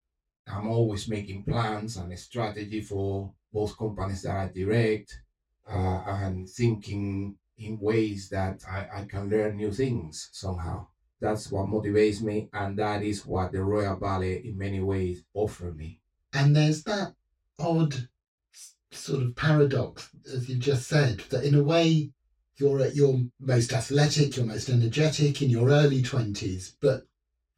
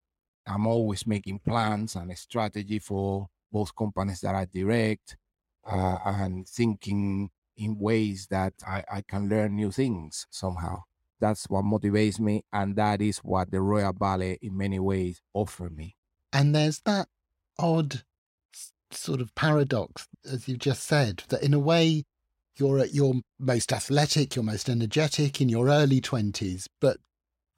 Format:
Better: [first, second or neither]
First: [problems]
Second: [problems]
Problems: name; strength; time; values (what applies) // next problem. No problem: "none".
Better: second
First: room echo; very slight; dies away in 0.2 s // off-mic speech; far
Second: none